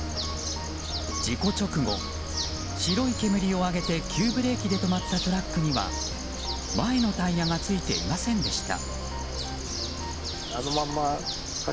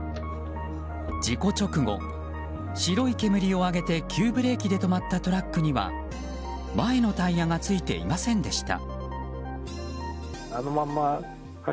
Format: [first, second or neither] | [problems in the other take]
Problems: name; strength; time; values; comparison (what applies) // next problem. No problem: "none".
second | background sound (Bird); 6 dB below the speech